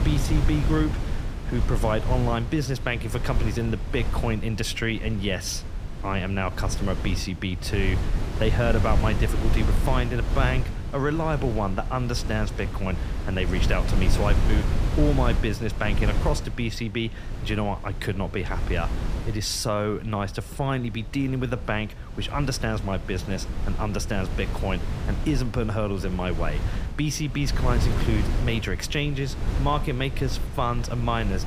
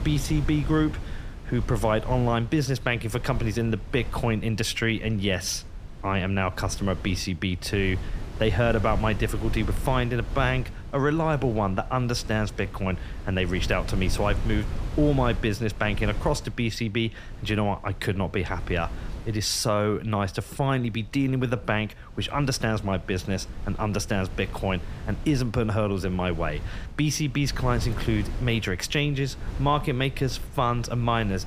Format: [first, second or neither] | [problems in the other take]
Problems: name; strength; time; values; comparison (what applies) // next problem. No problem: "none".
second | wind noise on the microphone; heavy; 9 dB below the speech; occasional gusts in the second